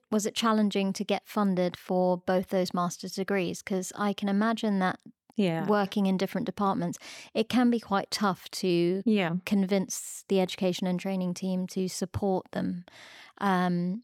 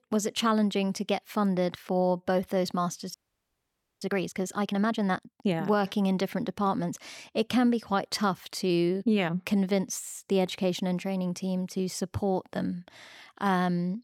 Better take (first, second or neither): first